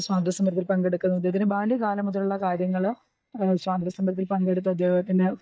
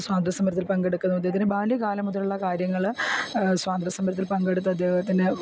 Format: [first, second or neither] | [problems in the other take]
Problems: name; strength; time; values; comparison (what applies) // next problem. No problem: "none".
second | noise reduction (neural mask model DeepFilterNet 3)